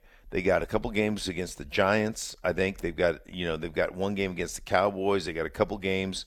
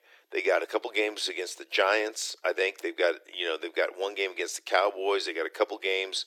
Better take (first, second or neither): first